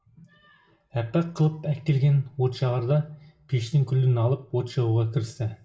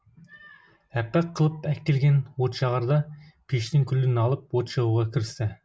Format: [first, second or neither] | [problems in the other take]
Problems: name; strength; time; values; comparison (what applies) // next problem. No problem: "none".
second | room echo; dies away in 0.4 s